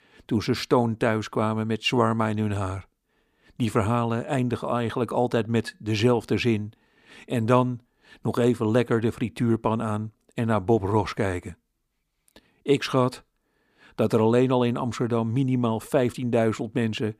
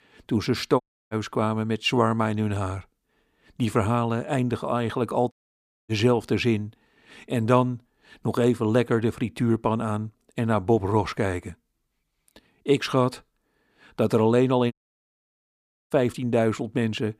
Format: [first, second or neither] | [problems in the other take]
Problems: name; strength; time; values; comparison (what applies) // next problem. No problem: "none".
first | audio cutting out; at 1 s, at 5.5 s for 0.5 s and at 15 s for 1 s